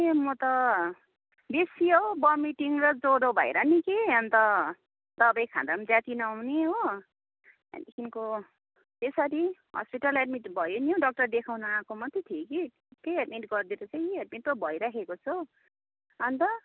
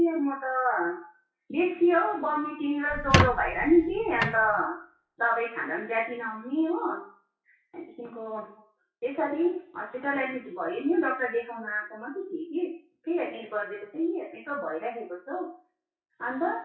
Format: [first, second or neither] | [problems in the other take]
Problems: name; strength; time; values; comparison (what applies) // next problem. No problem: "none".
first | noise reduction (classical method WPE with log-MMSE)